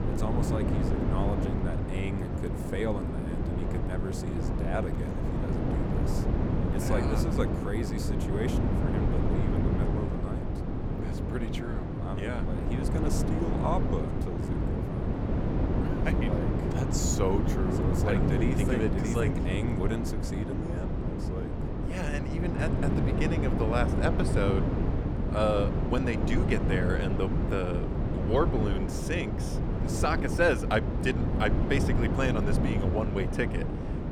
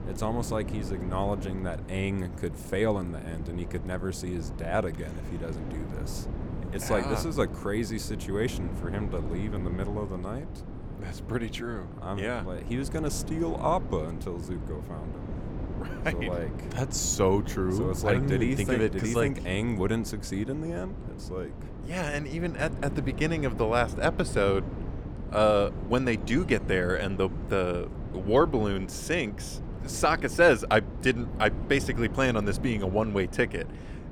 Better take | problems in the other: second | wind noise on the microphone; heavy; 2 dB below the speech; occasional gusts in the second

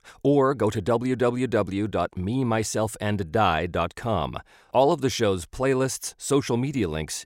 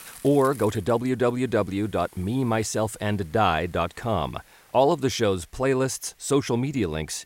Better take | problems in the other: first | hiss; faint; throughout; 25 dB below the speech

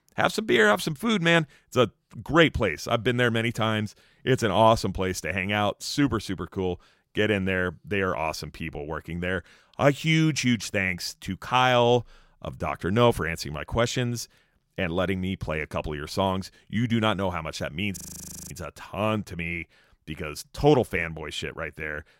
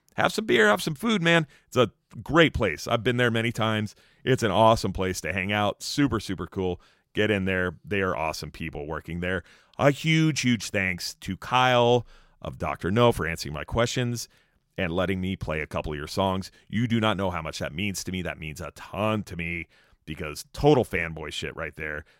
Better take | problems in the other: second | audio freezing; at 18 s for 0.5 s

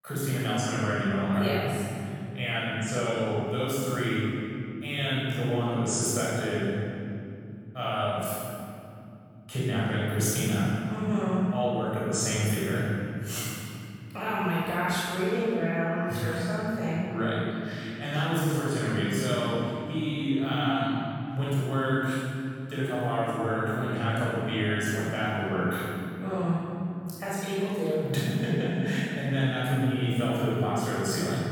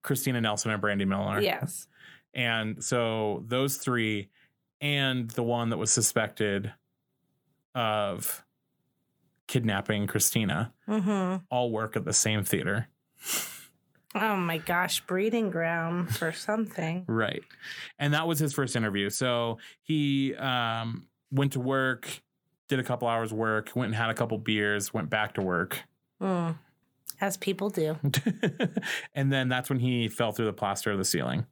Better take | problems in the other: second | off-mic speech; far // room echo; strong; dies away in 3 s

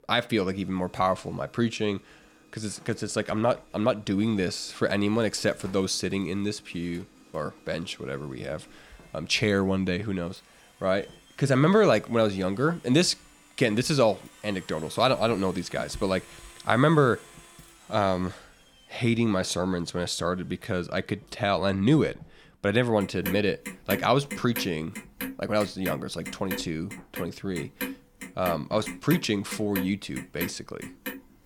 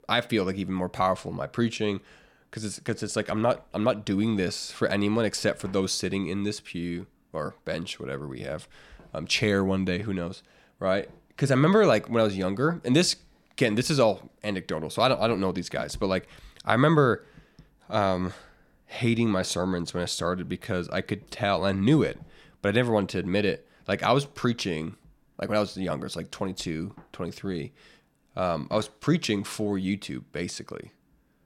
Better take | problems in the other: second | household noises; noticeable; throughout; 15 dB below the speech

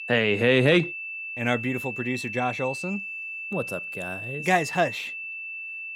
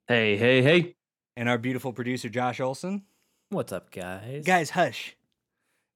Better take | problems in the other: second | high-pitched whine; loud; throughout; 2.5 kHz, 7 dB below the speech

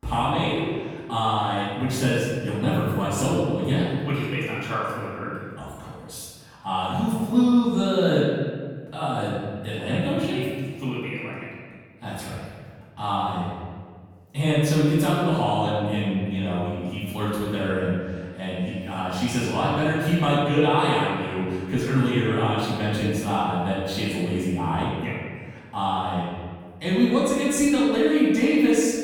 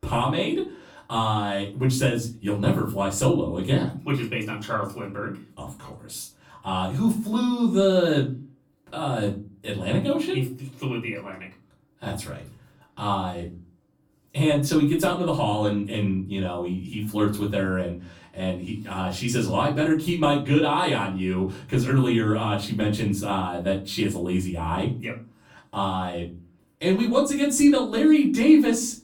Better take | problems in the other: second | room echo; strong; dies away in 1.5 s; slight in the second // off-mic speech; far; far in the second

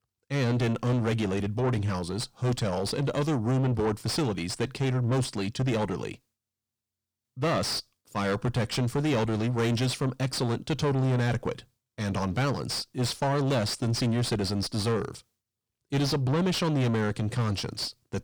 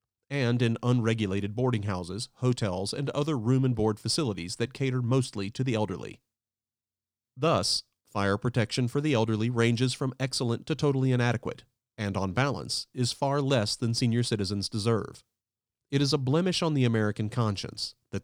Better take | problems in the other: second | distortion; heavy; 5 dB below the speech

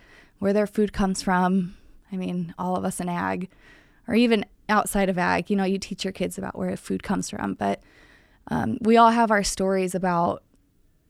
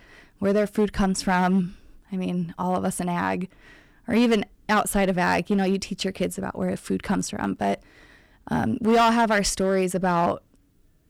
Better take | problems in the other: first | distortion; slight; 4% of the sound clipped

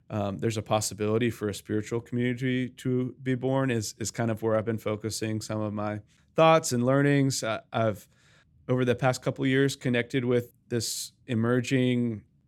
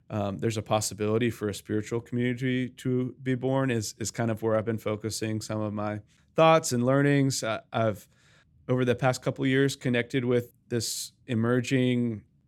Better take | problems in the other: neither | none

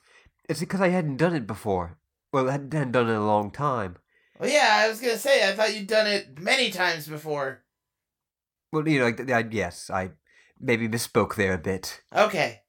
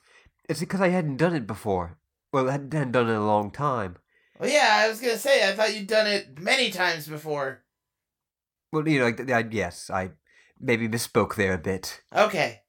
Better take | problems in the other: neither | none

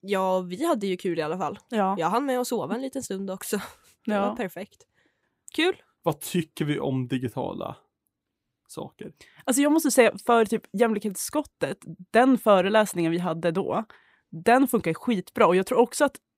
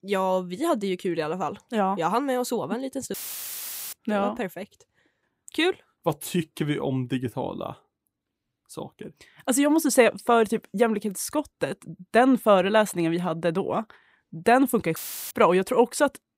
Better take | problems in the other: first | audio cutting out; filled with static; at 3 s for 1 s and at 15 s

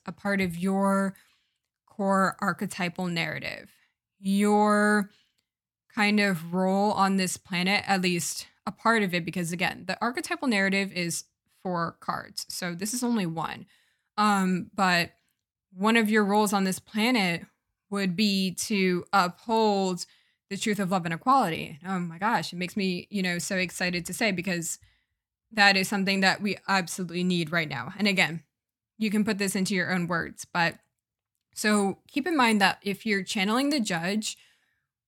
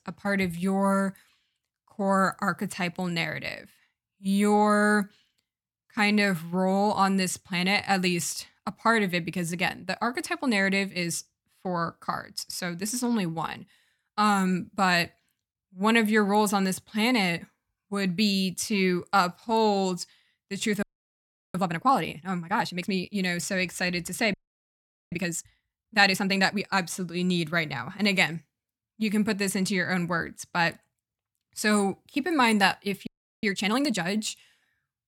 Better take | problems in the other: first | audio freezing; at 21 s for 0.5 s, at 24 s for 1 s and at 33 s

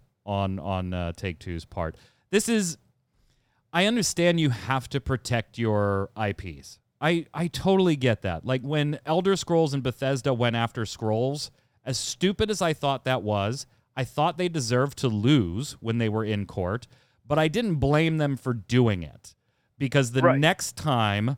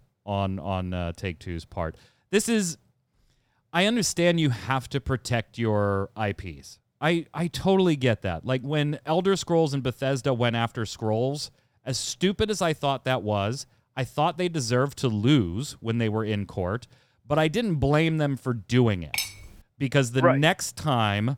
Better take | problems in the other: first | clattering dishes; noticeable; at 19 s; peak 4 dB below the speech

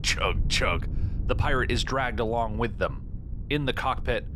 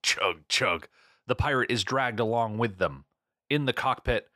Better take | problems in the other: second | wind noise on the microphone; occasional gusts; 20 dB below the speech

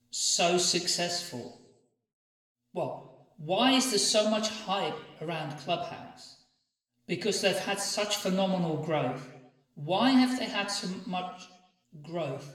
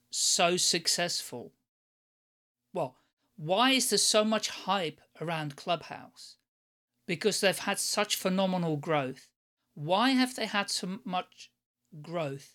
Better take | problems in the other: second | room echo; slight; dies away in 0.8 s // off-mic speech; somewhat distant

